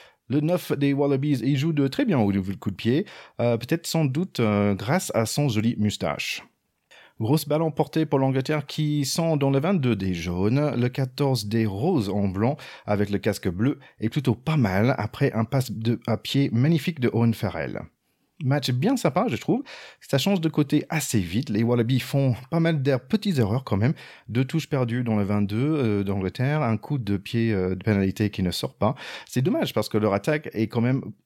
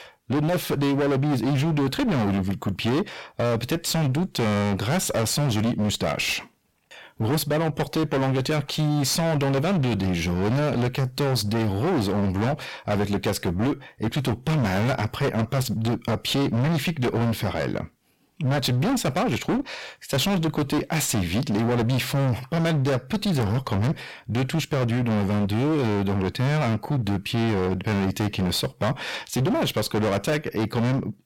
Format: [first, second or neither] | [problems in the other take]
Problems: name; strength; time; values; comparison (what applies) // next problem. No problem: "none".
first | distortion; heavy; 33% of the sound clipped